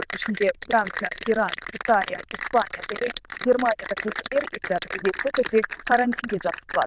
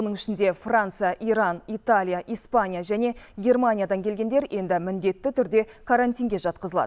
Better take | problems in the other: second | noise reduction (neural diffusion model UNIVERSE++)

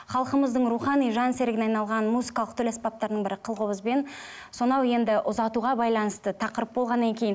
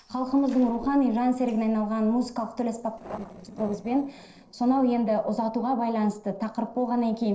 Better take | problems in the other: first | noise reduction (neural separator model SepFormer DNS4)

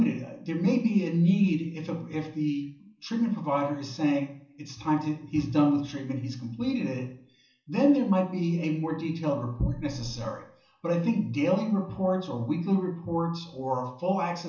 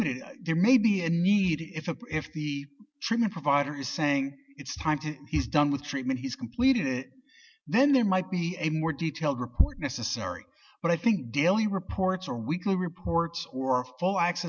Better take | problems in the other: second | room echo; dies away in 0.6 s

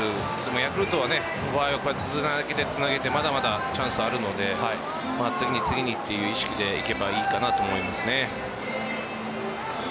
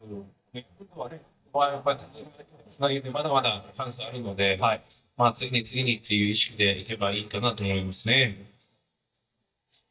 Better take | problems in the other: first | noise reduction (neural mask model DeepFilterNet 3)

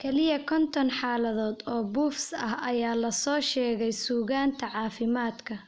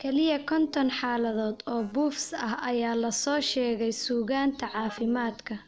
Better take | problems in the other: first | noise reduction (neural separator model SepFormer DNS4)

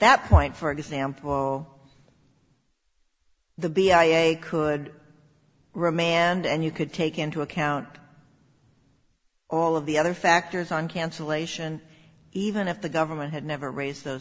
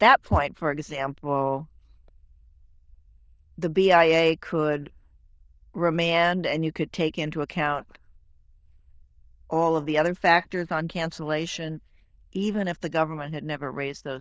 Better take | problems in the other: first | noise reduction (neural diffusion model UNIVERSE++)

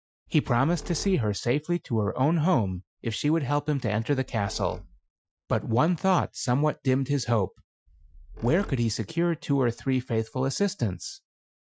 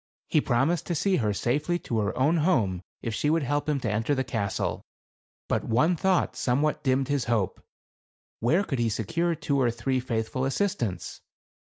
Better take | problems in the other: second | noise reduction (classical method Wiener filter)

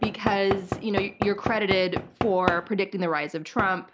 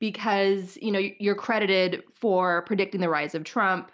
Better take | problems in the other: second | background sound (Knock / Wood); 6 dB below the speech

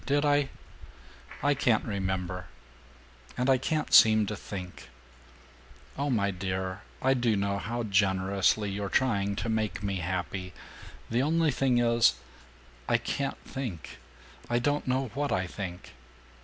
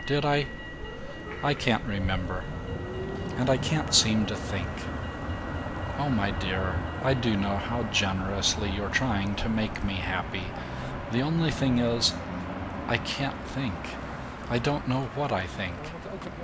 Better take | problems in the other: first | background sound (Motor vehicle (road)); 5 dB below the speech

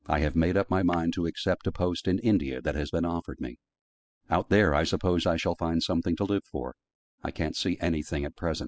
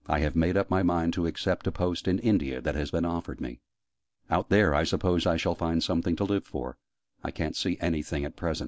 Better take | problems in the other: second | noise reduction (classical method spectral subtraction)

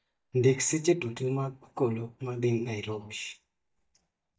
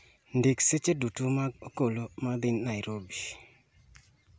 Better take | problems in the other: second | noise reduction (neural mask model DeepFilterNet 3)

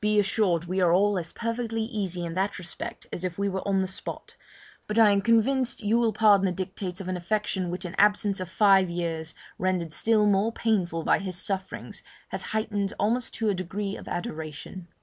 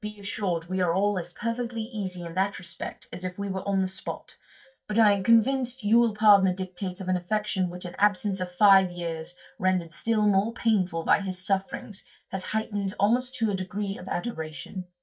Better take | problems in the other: first | noise reduction (neural mask model DeepFilterNet 3)

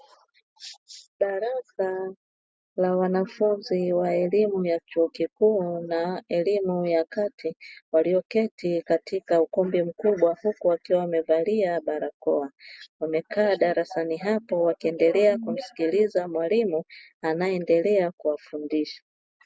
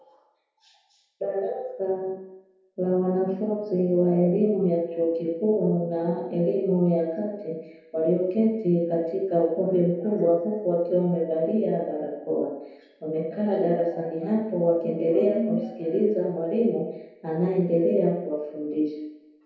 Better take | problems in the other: first | room echo; dies away in 0.9 s

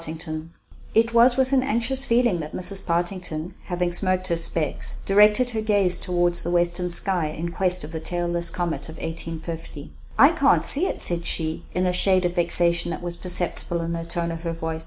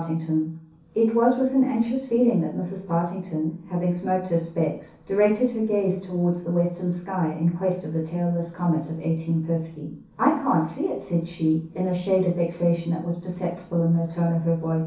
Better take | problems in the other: first | room echo; dies away in 0.6 s

